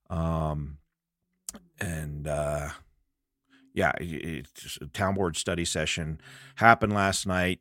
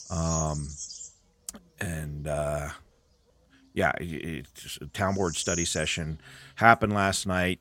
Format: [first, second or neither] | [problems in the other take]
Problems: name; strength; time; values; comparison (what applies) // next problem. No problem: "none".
first | animal sounds; loud; throughout; 8 dB below the speech